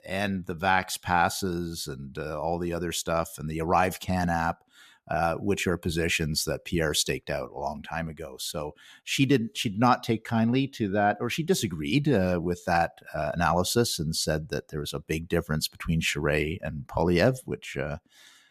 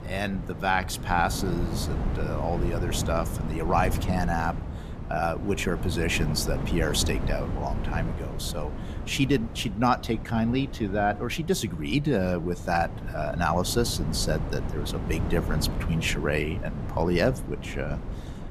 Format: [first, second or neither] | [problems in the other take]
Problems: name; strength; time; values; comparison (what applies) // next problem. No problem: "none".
first | wind noise on the microphone; occasional gusts; 10 dB below the speech